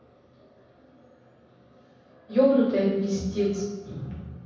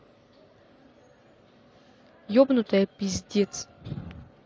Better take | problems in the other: second | room echo; dies away in 1.1 s

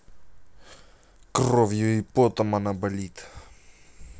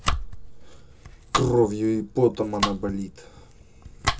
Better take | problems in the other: first | background sound (Domestic sounds, home sounds); 4 dB below the speech // room echo; dies away in 0.2 s

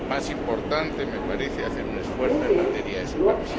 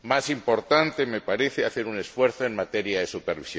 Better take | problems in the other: second | background sound (Subway, metro, underground); 5 dB above the speech

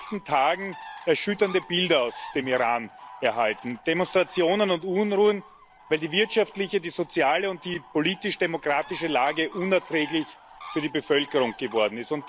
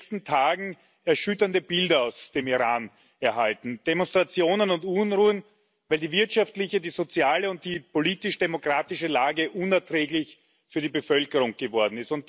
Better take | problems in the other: second | background sound (Bird); 19 dB below the speech

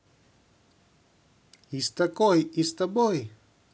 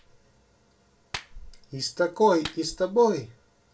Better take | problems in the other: first | background sound (Clapping); 17 dB below the speech // room echo; dies away in 0.2 s

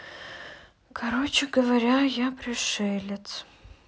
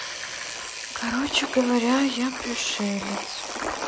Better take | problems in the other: first | background sound (Engine / Domestic sounds, home sounds + Engine); 6 dB below the speech

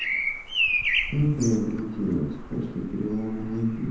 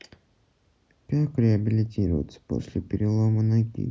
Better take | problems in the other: second | background sound (Bird vocalization, bird call, bird song); 2 dB below the speech // room echo; dies away in 0.9 s

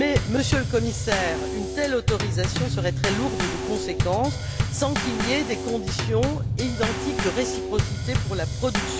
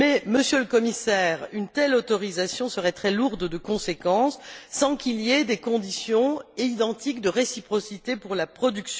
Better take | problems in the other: second | background sound (Bass drum / Snare drum / Drum kit); 1 dB above the speech

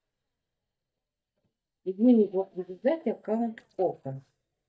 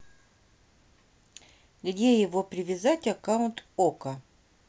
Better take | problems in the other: second | noise reduction (neural mask model DeepFilterNet 3)

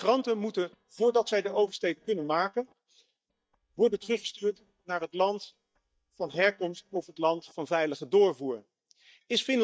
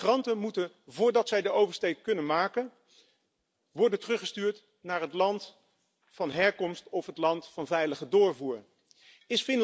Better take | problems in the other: second | noise reduction (neural mask model DeepFilterNet 3)

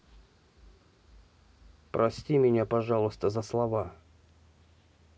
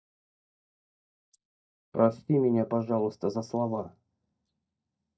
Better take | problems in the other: first | noise reduction (neural mask model DeepFilterNet 3)

